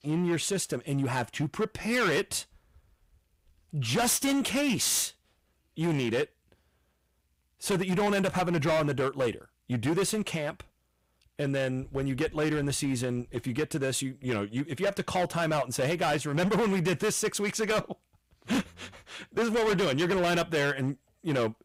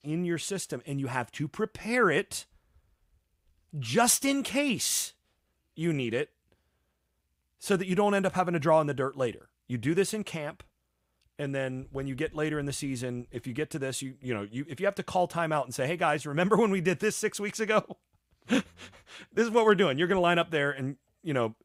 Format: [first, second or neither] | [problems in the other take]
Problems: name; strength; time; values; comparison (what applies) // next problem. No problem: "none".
second | distortion; heavy; 14% of the sound clipped